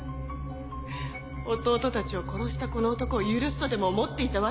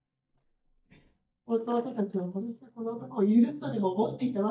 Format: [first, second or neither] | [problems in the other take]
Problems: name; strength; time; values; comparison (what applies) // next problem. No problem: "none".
first | noise reduction (neural mask model DeepFilterNet 3)